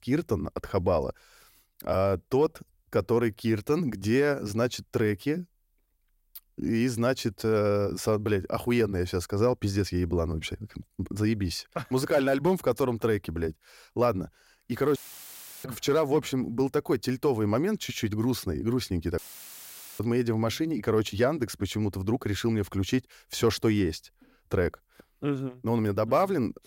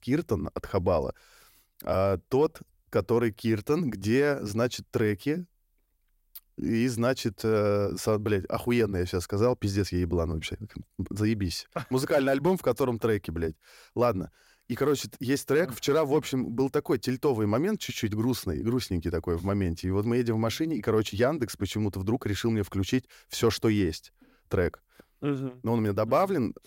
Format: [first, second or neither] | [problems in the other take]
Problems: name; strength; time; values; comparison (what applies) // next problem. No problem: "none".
second | audio cutting out; filled with static; at 15 s for 0.5 s and at 19 s for 1 s